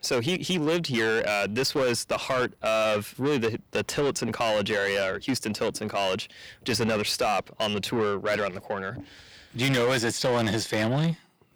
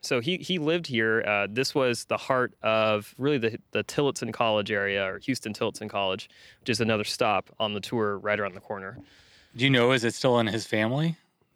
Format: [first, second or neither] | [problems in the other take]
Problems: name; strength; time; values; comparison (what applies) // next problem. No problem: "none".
second | distortion; heavy; 7 dB below the speech